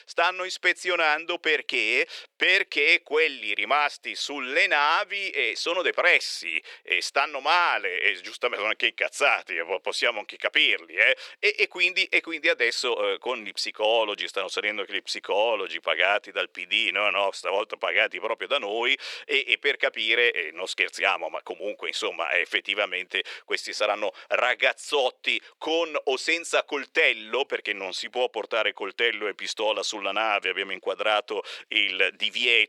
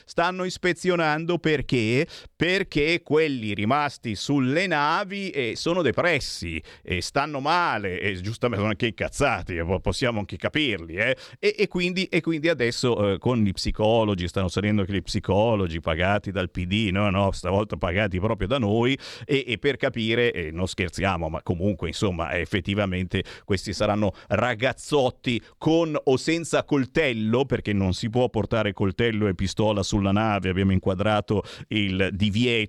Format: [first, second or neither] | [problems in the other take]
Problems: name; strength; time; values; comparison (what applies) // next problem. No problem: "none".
second | thin; very; fading below 450 Hz